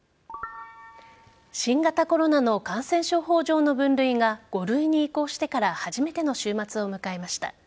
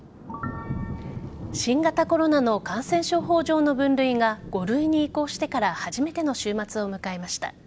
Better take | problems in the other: first | background sound (Thunder); 14 dB below the speech

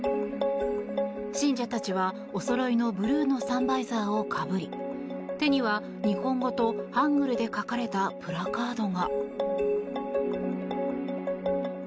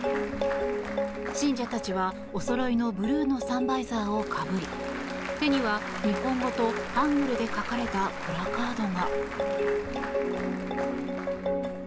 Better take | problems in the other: first | background sound (Applause / Crowd); 9 dB below the speech

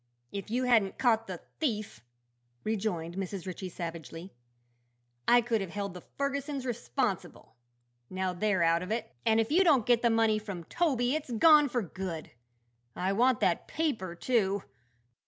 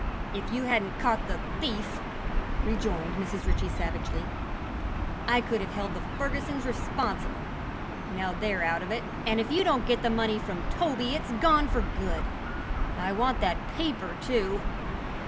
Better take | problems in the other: first | background sound (Gull, seagull / Ocean); as loud as the speech

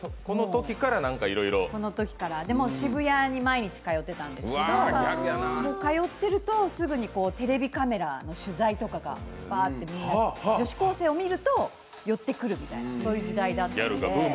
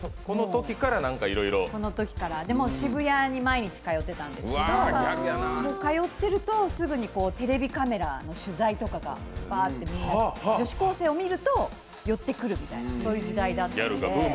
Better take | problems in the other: first | background sound (Drum kit); 12 dB below the speech

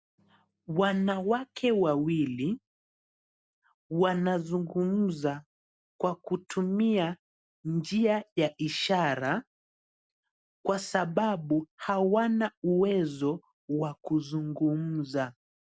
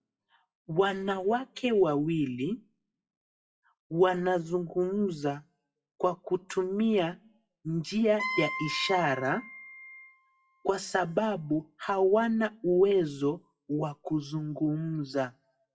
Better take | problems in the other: first | noise reduction (classical method WPE with log-MMSE)

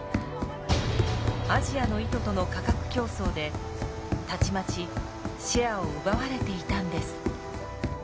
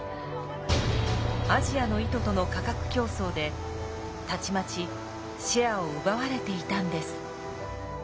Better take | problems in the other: second | background sound (Run); 3 dB below the speech

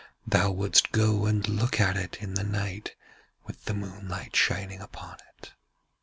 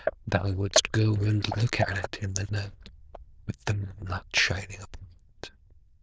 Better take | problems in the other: first | noise reduction (neural diffusion model UNIVERSE++)

